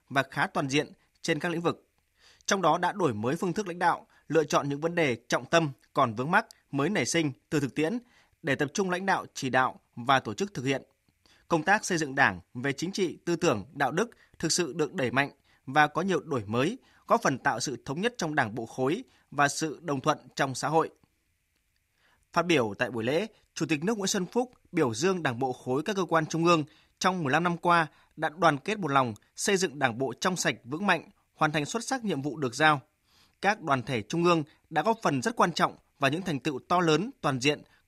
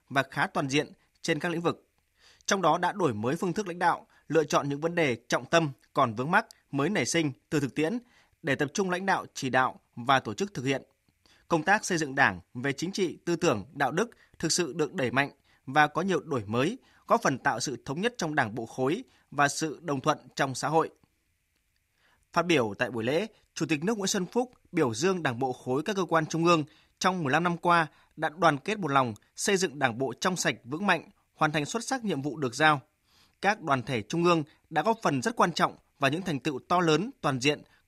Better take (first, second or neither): neither